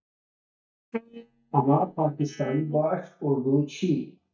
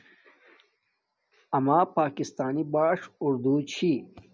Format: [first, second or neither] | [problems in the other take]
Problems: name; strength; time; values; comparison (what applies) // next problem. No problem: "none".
second | noise reduction (neural mask model DeepFilterNet 3)